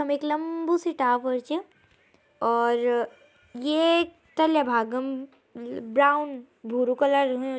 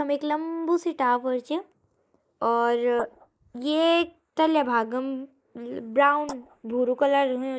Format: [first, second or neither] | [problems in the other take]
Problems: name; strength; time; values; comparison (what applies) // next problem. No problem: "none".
first | noise reduction (neural mask model Resemble Enhance denoiser)